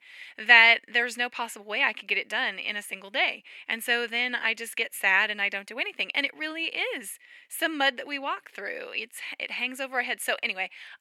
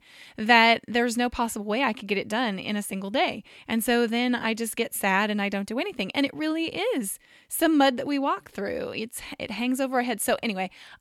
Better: second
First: thin; somewhat; fading below 400 Hz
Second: none

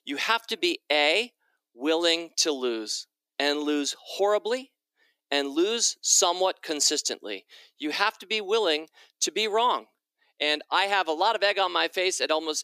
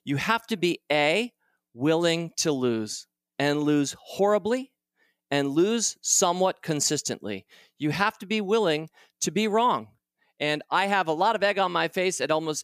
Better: second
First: thin; very slightly; fading below 300 Hz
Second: none

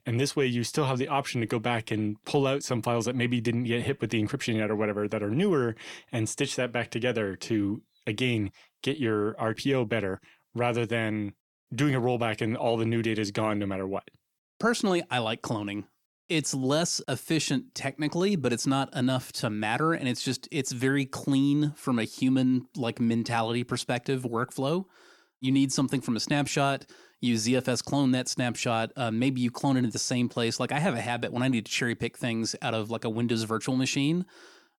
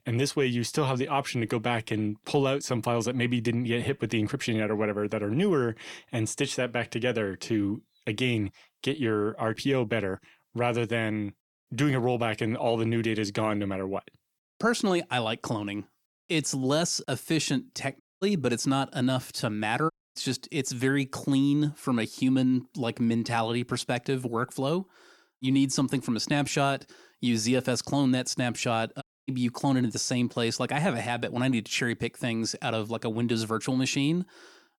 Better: first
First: none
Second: audio cutting out; at 18 s, at 20 s and at 29 s

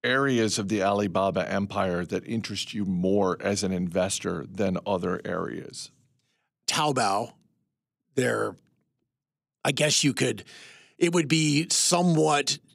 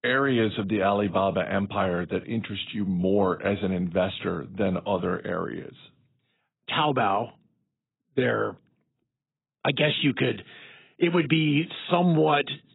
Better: first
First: none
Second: garbled, watery; badly; nothing above 4 kHz

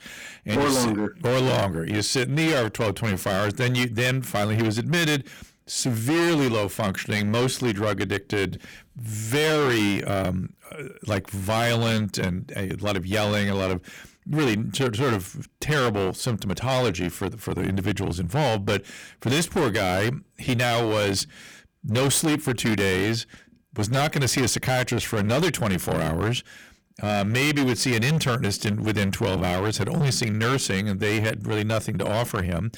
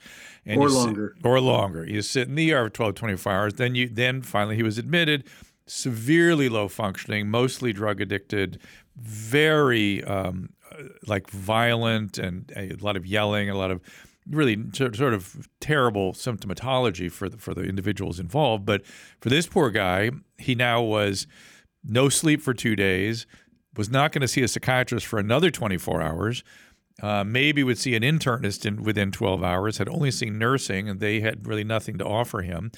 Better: second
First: distortion; heavy; 17% of the sound clipped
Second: none

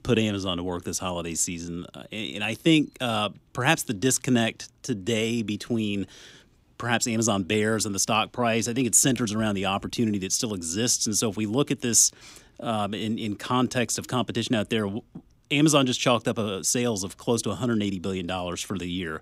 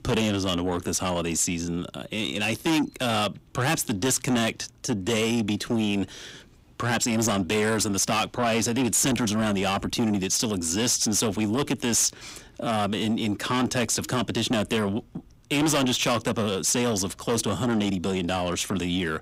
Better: first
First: none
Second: distortion; heavy; 7 dB below the speech

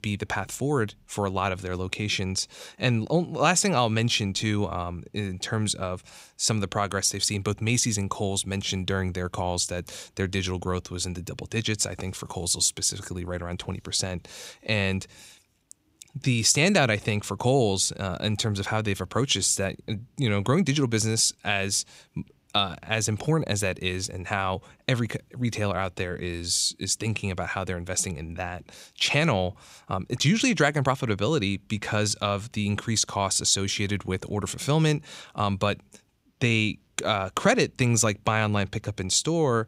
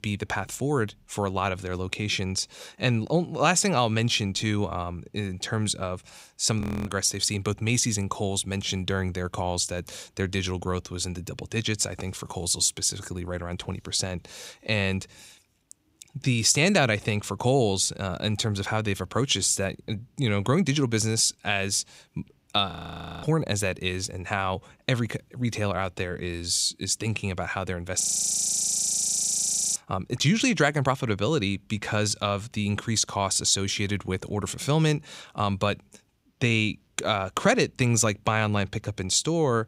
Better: first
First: none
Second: audio freezing; at 6.5 s, at 23 s for 0.5 s and at 28 s for 2 s

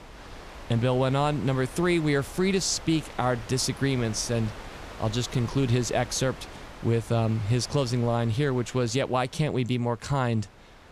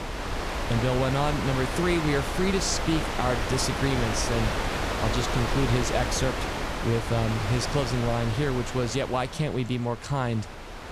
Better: first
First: wind noise on the microphone; occasional gusts; 15 dB below the speech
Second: wind noise on the microphone; heavy; as loud as the speech

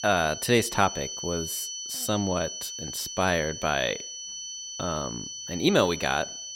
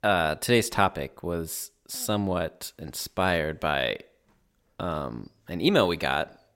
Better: second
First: high-pitched whine; loud; throughout; 6 kHz, 7 dB below the speech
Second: none

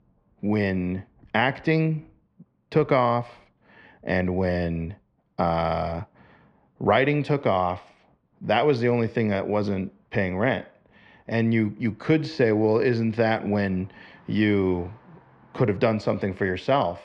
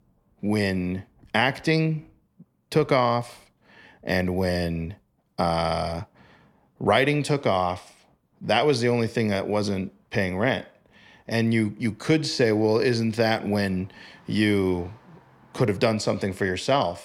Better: second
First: muffled; slightly; fading above 2.5 kHz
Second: none

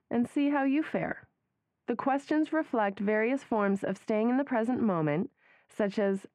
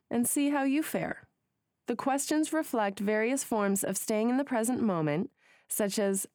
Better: second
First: muffled; very; fading above 2 kHz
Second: none

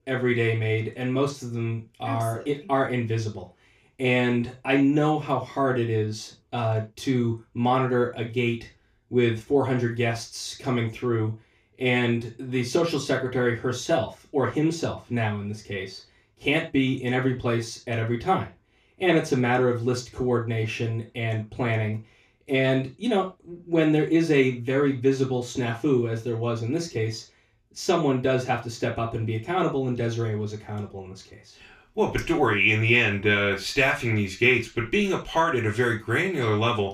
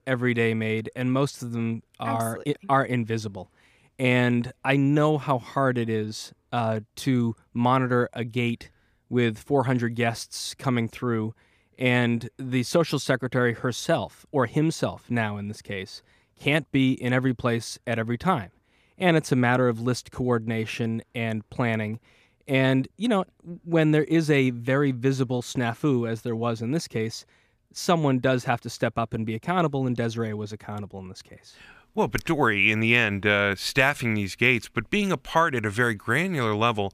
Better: second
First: room echo; slight; dies away in 0.3 s // off-mic speech; far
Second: none

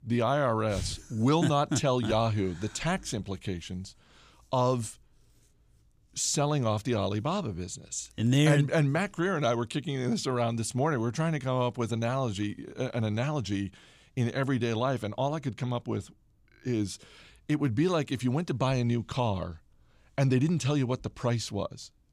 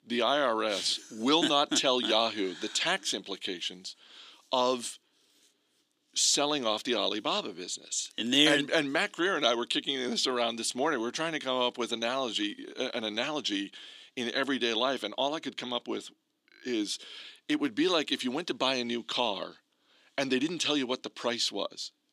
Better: first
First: none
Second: thin; very slightly; fading below 300 Hz

